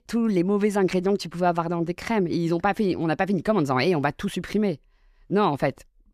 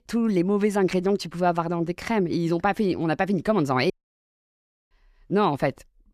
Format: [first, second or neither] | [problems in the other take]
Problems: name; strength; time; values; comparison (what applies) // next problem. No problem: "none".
first | audio cutting out; at 4 s for 1 s